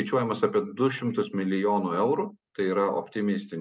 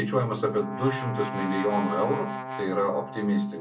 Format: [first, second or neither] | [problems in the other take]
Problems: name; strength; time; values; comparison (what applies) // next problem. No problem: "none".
first | background sound (Brass instrument); 8 dB below the speech // room echo; dies away in 0.3 s